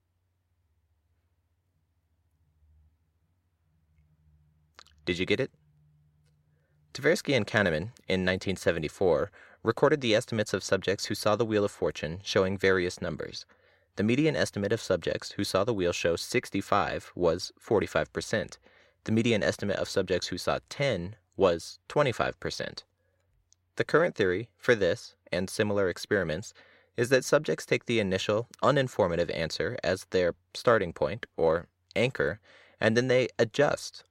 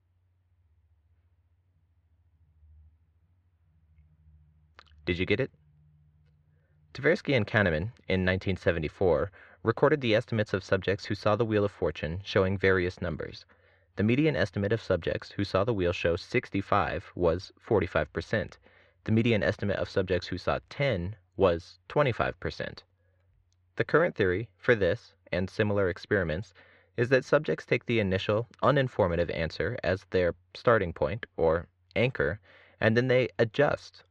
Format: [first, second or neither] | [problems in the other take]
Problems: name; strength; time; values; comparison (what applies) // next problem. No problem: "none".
first | muffled; slightly; fading above 3 kHz